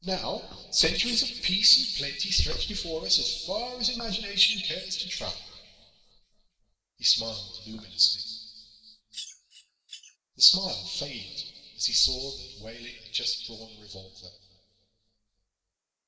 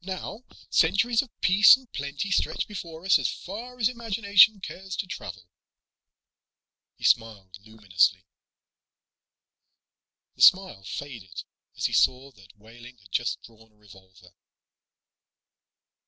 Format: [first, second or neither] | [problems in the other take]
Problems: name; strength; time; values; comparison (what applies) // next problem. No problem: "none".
second | background sound (Bird vocalization, bird call, bird song); 15 dB below the speech // room echo; dies away in 2.2 s